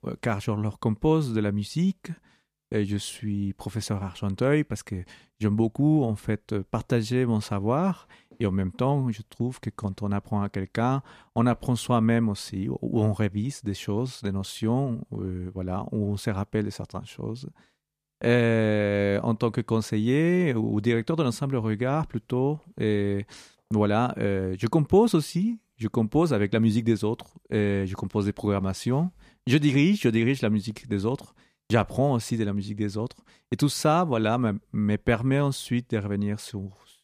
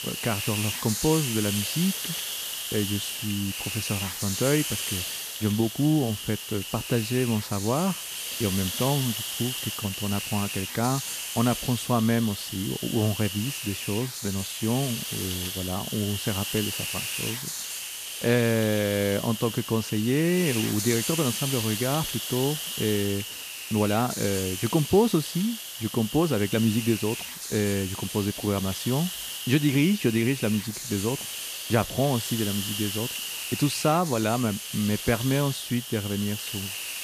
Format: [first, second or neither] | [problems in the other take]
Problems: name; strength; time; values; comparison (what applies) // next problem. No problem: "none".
first | hiss; loud; throughout; 4 dB below the speech